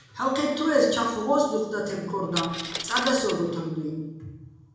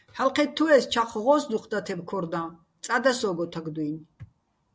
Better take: second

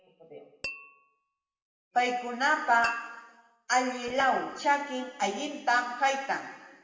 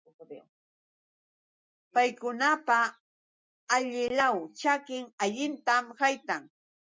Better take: second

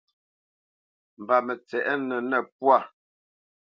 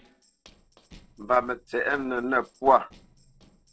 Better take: first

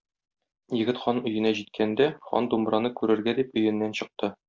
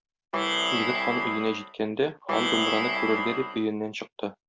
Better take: first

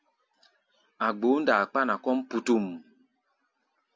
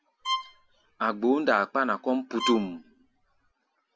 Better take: first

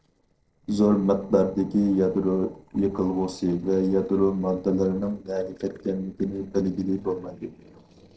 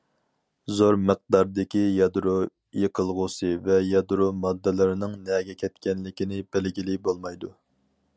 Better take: second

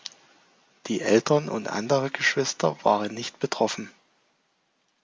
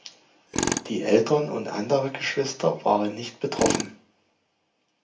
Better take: first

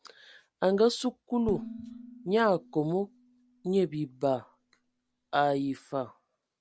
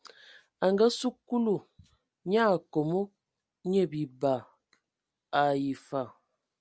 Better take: second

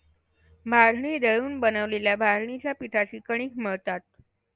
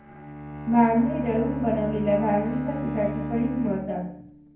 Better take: first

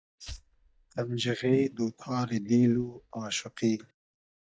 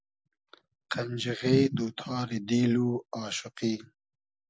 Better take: second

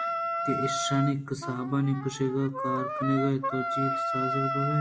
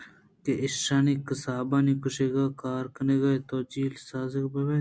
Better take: second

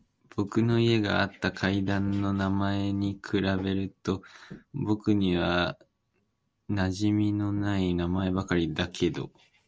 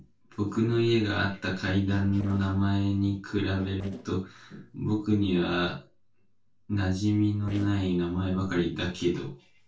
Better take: first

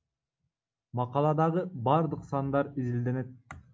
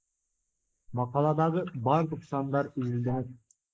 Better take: first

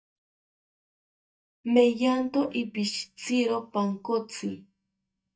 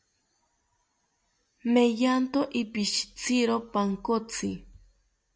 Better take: second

